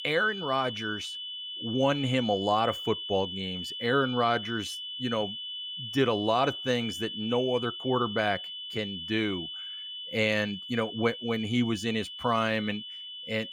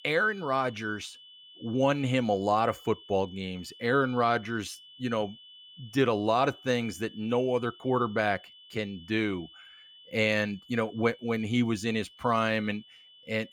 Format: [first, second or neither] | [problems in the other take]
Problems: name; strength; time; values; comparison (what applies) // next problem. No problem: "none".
second | high-pitched whine; loud; throughout; 3 kHz, 7 dB below the speech; faint in the second